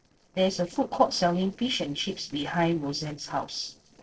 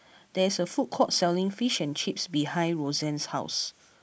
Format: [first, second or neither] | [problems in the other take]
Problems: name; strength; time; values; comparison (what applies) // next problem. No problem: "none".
second | noise reduction (neural separator model SepFormer DNS4)